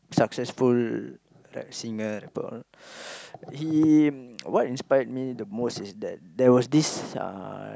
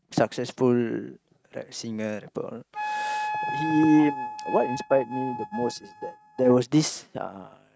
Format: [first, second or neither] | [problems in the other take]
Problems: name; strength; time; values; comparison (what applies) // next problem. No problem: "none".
first | noise reduction (neural mask model RNNoise)